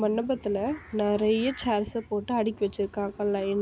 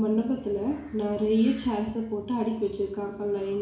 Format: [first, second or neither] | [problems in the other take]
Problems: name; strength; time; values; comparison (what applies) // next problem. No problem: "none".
first | room echo; dies away in 0.7 s